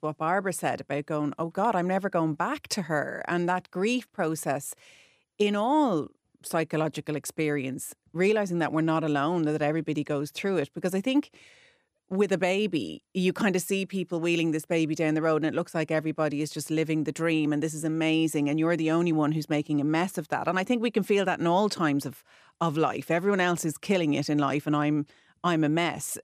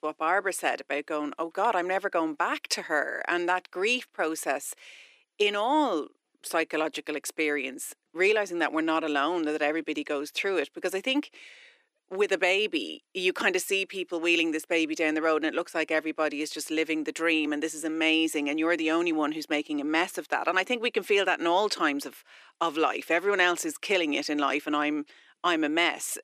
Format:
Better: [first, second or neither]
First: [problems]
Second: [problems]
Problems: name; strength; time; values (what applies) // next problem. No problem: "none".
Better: first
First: none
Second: thin; somewhat; fading below 350 Hz